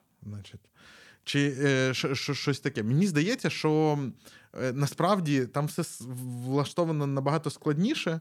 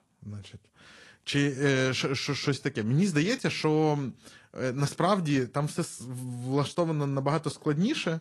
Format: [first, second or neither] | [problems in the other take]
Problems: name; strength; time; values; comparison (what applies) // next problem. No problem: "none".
first | garbled, watery; slightly; nothing above 11.5 kHz